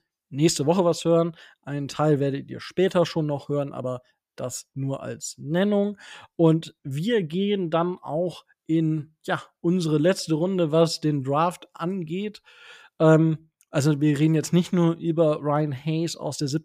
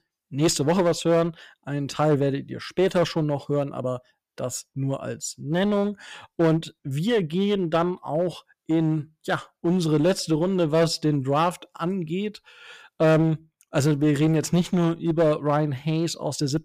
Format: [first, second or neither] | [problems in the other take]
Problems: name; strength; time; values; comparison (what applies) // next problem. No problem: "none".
first | distortion; slight; 7% of the sound clipped